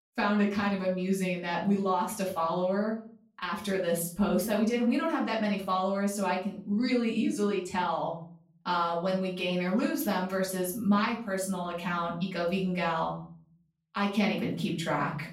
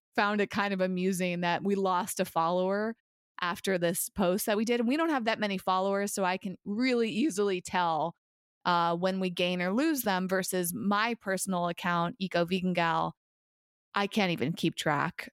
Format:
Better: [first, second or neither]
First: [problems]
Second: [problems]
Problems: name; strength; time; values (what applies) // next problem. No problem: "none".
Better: second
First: off-mic speech; far // room echo; slight; dies away in 0.5 s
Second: none